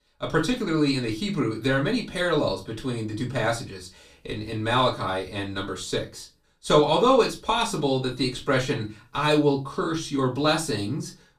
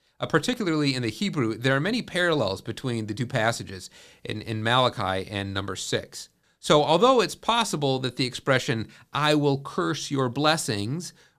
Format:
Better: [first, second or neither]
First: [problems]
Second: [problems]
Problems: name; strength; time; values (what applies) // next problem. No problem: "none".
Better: second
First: off-mic speech; far // room echo; very slight; dies away in 0.2 s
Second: none